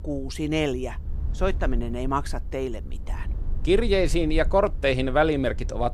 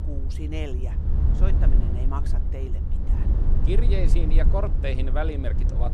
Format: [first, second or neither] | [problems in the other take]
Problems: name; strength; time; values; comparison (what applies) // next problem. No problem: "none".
first | low rumble; loud; throughout; 6 dB below the speech; faint in the first